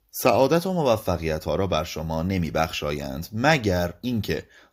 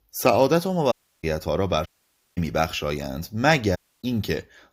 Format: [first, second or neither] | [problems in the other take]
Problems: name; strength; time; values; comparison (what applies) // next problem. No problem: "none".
first | audio cutting out; at 1 s, at 2 s for 0.5 s and at 4 s